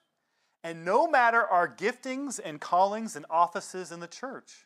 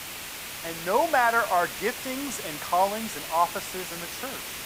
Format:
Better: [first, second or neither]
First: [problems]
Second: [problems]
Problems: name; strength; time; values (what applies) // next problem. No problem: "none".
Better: first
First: none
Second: hiss; loud; throughout; 8 dB below the speech